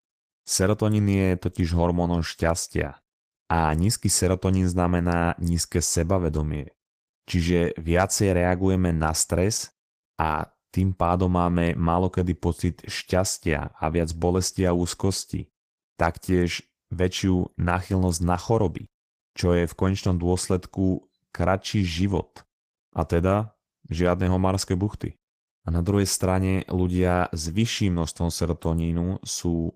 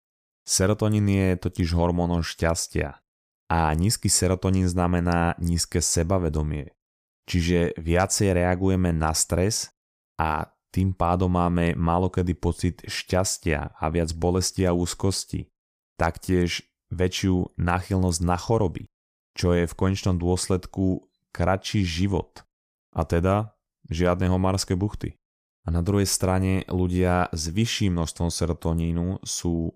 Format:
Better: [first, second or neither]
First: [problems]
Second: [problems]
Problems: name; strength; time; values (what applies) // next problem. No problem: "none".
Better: second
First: garbled, watery; slightly; nothing above 15 kHz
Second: none